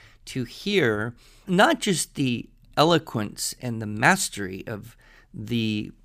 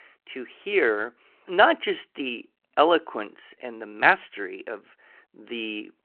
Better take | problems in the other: first | phone-call audio

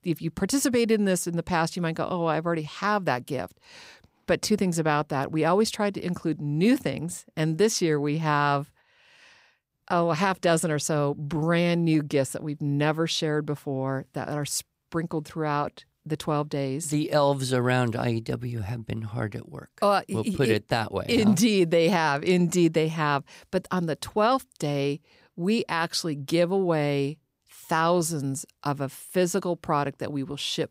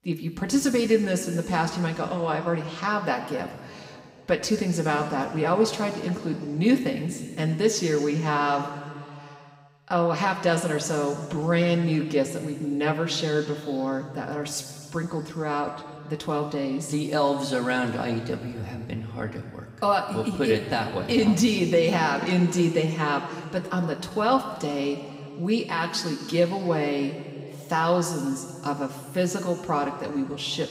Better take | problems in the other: first | room echo; noticeable; dies away in 2.2 s // off-mic speech; somewhat distant

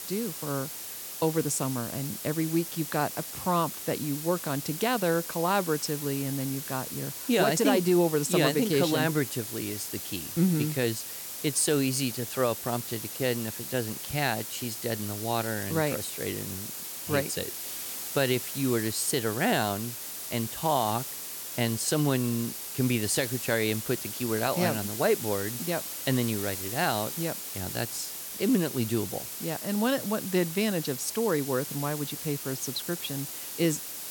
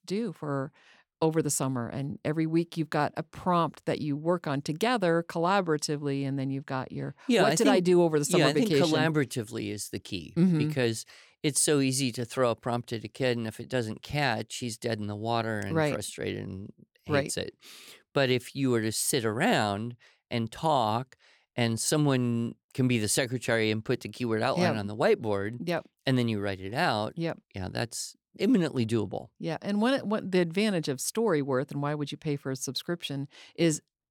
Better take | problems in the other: second | hiss; loud; throughout; 6 dB below the speech

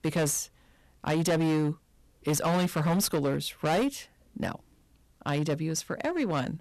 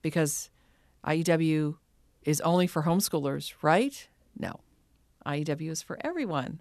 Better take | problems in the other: second | distortion; heavy; 13% of the sound clipped

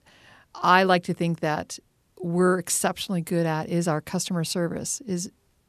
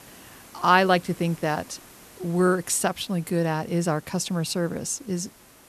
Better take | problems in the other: first | hiss; faint; throughout; 25 dB below the speech

